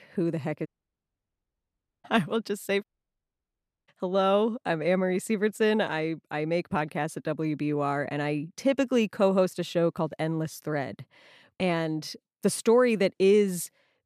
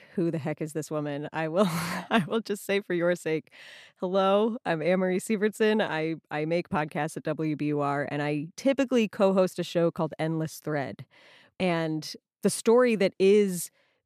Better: second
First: audio cutting out; at 0.5 s for 1.5 s and at 3 s for 1 s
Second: none

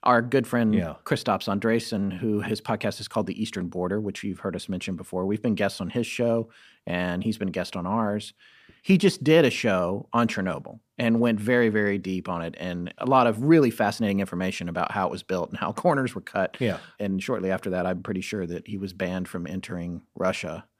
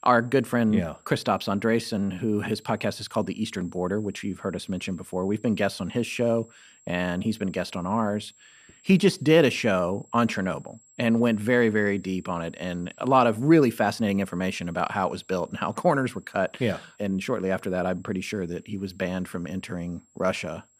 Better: first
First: none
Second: high-pitched whine; faint; throughout; 7.5 kHz, 30 dB below the speech

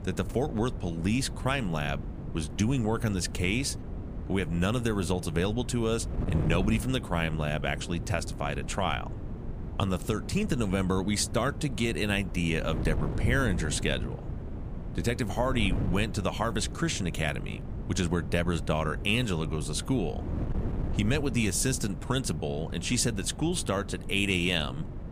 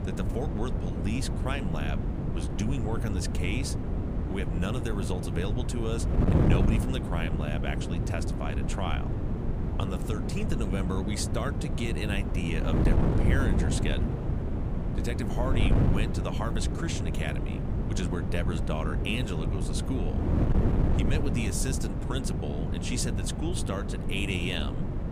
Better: first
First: wind noise on the microphone; occasional gusts; 15 dB below the speech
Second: wind noise on the microphone; heavy; 2 dB below the speech

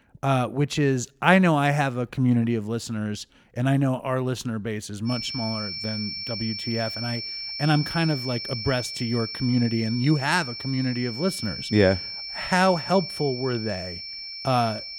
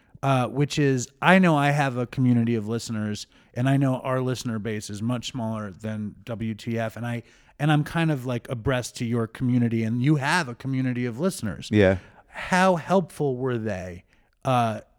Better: second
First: high-pitched whine; loud; from 5 s on; 5.5 kHz, 7 dB below the speech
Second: none

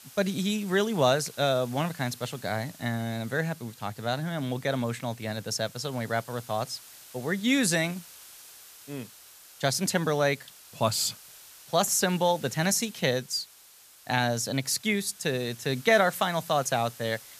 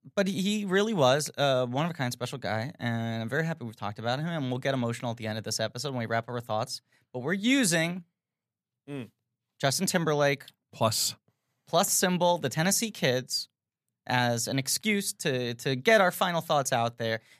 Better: second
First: hiss; noticeable; throughout; 20 dB below the speech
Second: none

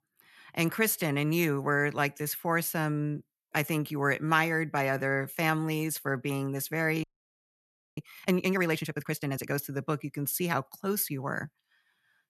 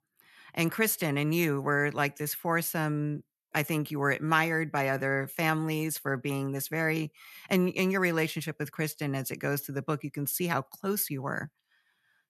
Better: second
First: audio freezing; at 7 s for 1 s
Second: none

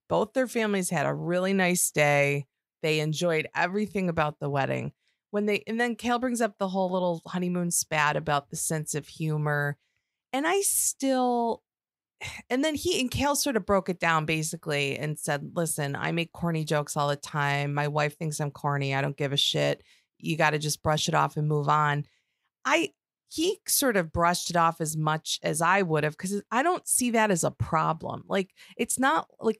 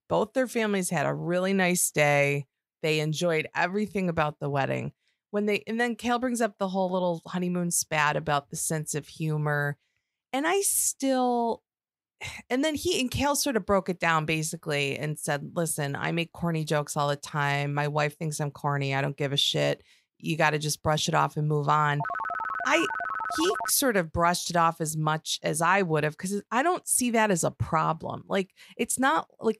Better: first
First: none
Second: phone ringing; noticeable; from 22 to 24 s; peak 4 dB below the speech

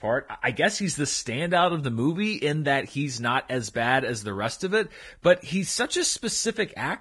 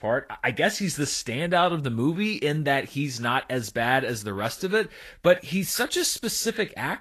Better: second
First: garbled, watery; badly; nothing above 10.5 kHz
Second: garbled, watery; slightly; nothing above 12.5 kHz

